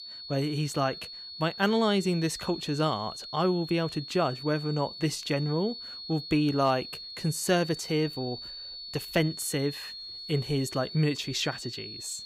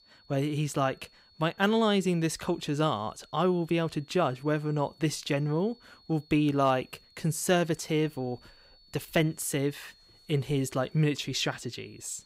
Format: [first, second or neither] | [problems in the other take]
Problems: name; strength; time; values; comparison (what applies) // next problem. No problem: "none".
second | high-pitched whine; loud; throughout; 4.5 kHz, 10 dB below the speech; faint in the second